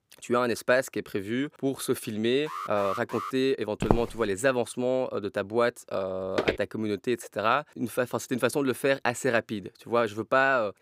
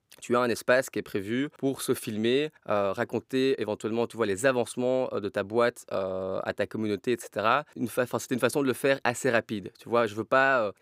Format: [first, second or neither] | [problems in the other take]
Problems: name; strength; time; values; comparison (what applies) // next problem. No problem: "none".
second | alarm; noticeable; at 2.5 s; peak 8 dB below the speech // footsteps; noticeable; at 4 s and at 6.5 s; peak 1 dB below the speech